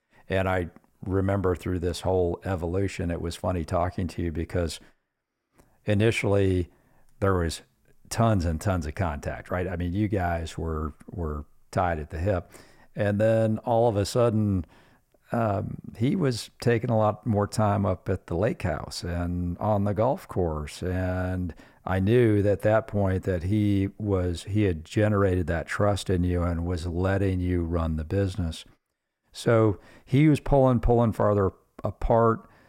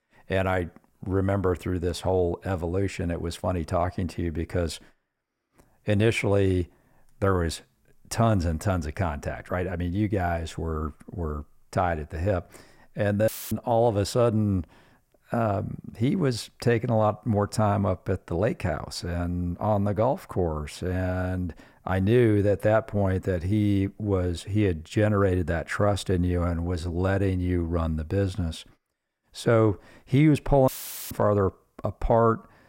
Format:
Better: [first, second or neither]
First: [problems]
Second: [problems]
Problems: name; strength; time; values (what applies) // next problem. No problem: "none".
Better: first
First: none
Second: audio cutting out; filled with static; at 13 s and at 31 s